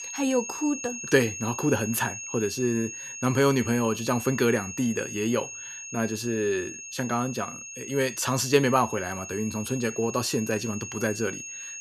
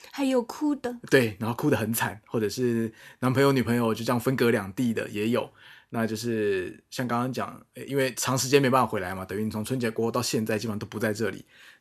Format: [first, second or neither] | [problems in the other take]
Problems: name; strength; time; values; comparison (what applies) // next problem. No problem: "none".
second | high-pitched whine; loud; throughout; 6.5 kHz, 9 dB below the speech